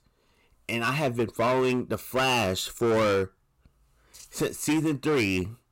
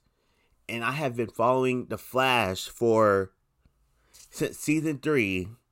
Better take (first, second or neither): second